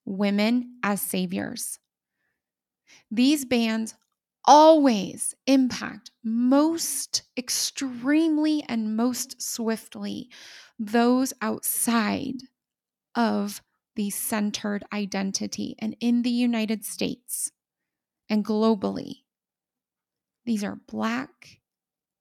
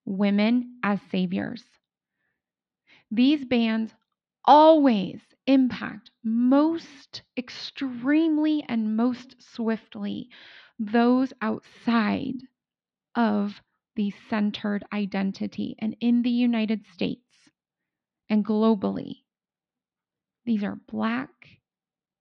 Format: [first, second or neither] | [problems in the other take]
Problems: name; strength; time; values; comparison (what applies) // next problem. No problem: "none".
first | muffled; slightly; fading above 4 kHz